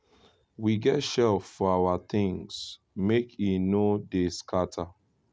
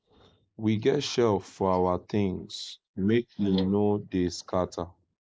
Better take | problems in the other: first | noise reduction (neural mask model Resemble Enhance denoiser)

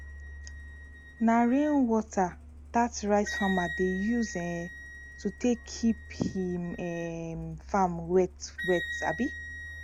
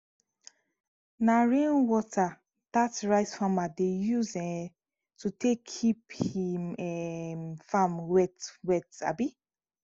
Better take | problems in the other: second | background sound (Truck + Wind instrument, woodwind instrument); 11 dB below the speech

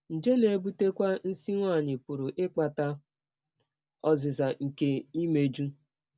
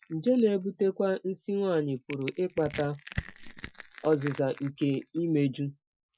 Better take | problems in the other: first | noise reduction (classical method Wiener filter)

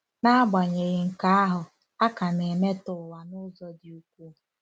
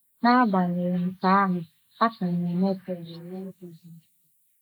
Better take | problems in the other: first | noise reduction (neural mask model Resemble Enhance denoiser)

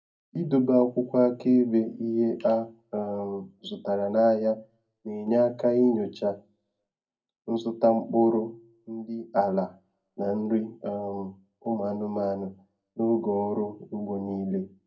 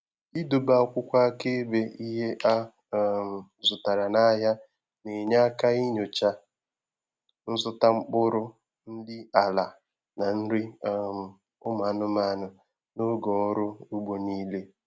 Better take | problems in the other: second | room echo; dies away in 0.3 s

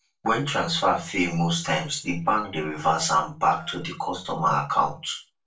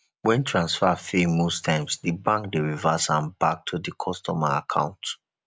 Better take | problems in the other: second | noise reduction (neural separator model SepFormer DNS4)

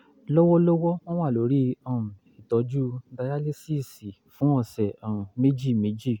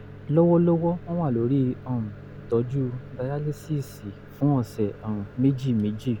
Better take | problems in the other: first | background sound (Microwave oven); 16 dB below the speech

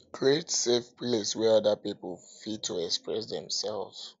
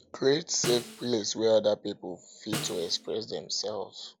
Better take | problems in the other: first | background sound (Snare drum); 12 dB below the speech

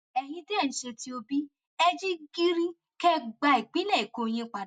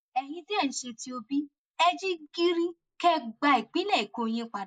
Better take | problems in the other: first | noise reduction (neural mask model Resemble Enhance denoiser)

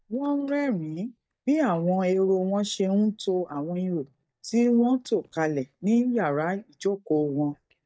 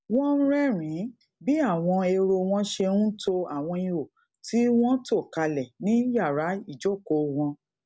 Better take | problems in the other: second | noise reduction (neural mask model DeepFilterNet 3)

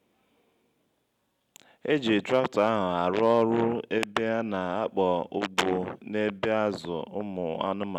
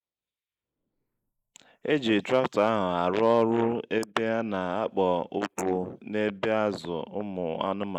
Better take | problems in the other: first | noise reduction (neural mask model Resemble Enhance denoiser)

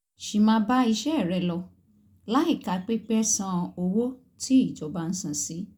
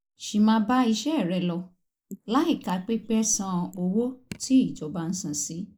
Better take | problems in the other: first | noise reduction (neural mask model Resemble Enhance denoiser)

